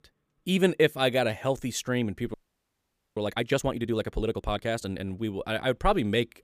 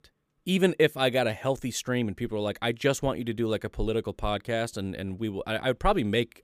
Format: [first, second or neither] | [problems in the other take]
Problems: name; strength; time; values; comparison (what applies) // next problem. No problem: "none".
second | audio freezing; at 2.5 s for 1 s